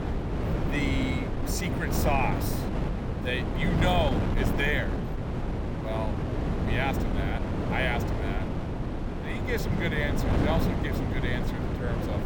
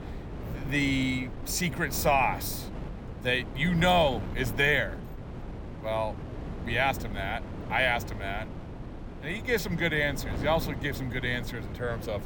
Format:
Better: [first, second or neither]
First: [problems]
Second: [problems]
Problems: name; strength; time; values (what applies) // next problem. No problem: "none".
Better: second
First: wind noise on the microphone; heavy; 3 dB below the speech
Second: wind noise on the microphone; occasional gusts; 15 dB below the speech